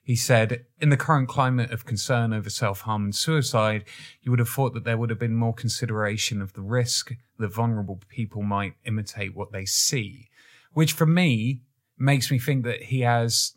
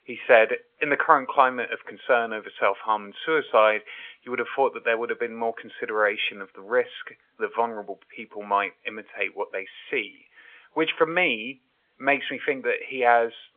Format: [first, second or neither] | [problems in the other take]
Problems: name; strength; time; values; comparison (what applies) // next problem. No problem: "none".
first | phone-call audio; nothing above 3.5 kHz